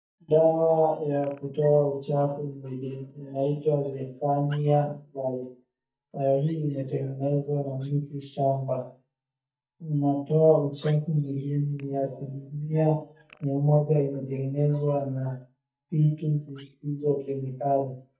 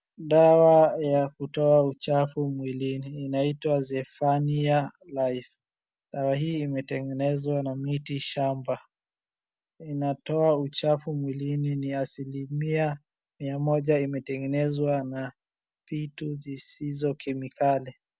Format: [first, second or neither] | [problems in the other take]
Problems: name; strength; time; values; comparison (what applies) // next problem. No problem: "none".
second | noise reduction (neural mask model DeepFilterNet 3)